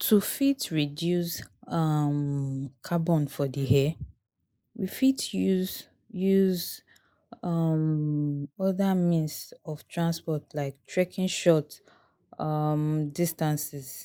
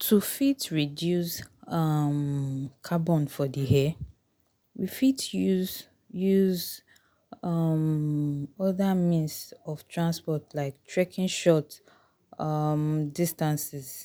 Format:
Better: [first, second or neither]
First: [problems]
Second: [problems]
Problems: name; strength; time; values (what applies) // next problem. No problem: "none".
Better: second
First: noise reduction (neural mask model Resemble Enhance denoiser)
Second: none